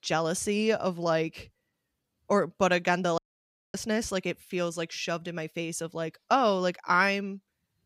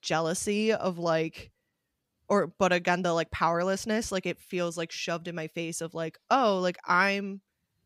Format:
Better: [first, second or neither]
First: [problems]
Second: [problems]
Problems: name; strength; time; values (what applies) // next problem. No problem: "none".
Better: second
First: audio cutting out; at 3 s for 0.5 s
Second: none